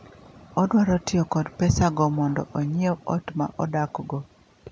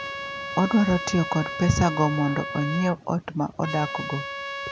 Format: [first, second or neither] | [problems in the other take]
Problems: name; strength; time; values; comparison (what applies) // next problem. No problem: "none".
first | background sound (Trumpet); 8 dB below the speech